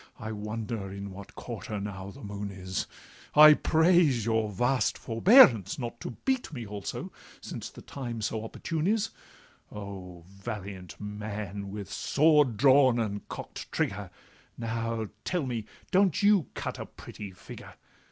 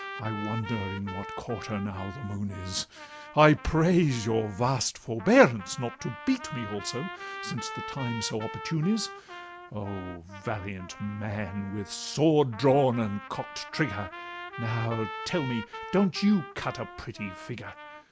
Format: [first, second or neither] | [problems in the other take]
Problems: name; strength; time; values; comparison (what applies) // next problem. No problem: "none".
first | background sound (Trumpet); 13 dB below the speech